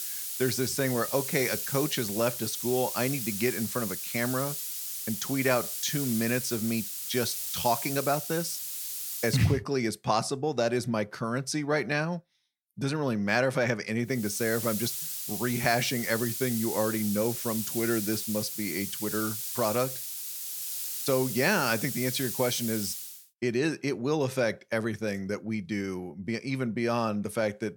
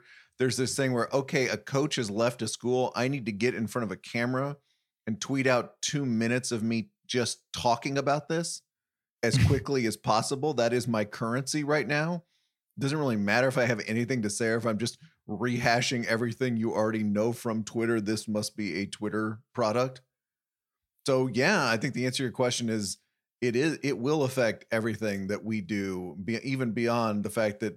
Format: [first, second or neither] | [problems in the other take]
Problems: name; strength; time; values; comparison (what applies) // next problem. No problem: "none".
second | hiss; loud; until 9.5 s and from 14 to 23 s; 3 dB below the speech